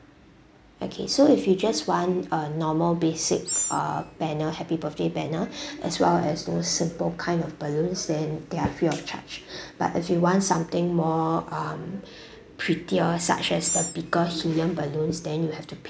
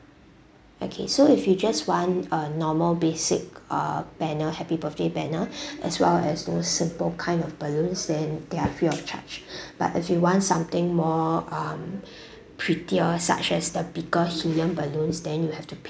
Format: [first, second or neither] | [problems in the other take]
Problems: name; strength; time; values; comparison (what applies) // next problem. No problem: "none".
second | background sound (Animal); 6 dB below the speech